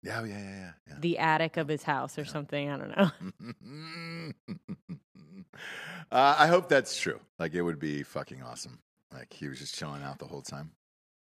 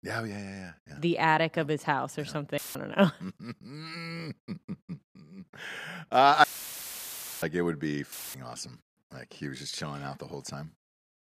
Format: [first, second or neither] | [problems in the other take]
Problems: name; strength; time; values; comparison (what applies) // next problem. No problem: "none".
first | audio cutting out; filled with static; at 2.5 s, at 6.5 s for 1 s and at 8 s